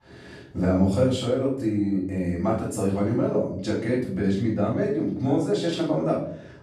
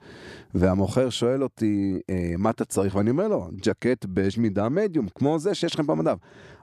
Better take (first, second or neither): second